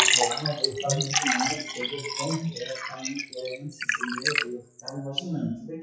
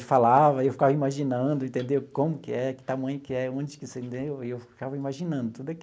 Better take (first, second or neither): second